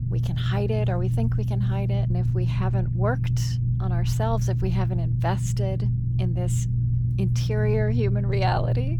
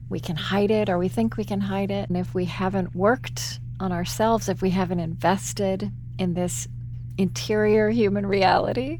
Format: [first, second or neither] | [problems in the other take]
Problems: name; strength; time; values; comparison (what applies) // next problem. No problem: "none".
second | low rumble; loud; throughout; 5 dB below the speech; faint in the second